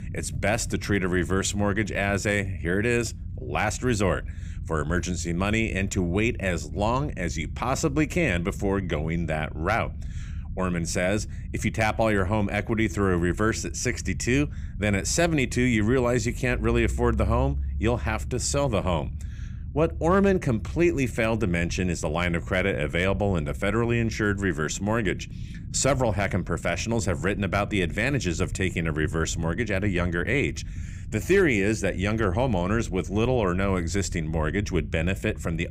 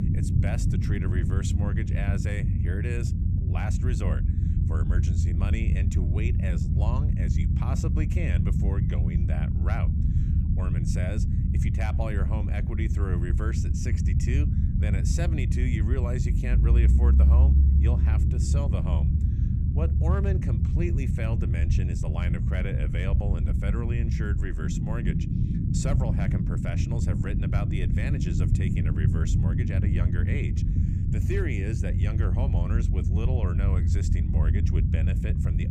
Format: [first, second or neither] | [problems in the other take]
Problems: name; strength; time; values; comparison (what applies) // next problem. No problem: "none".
first | low rumble; loud; throughout; as loud as the speech; faint in the first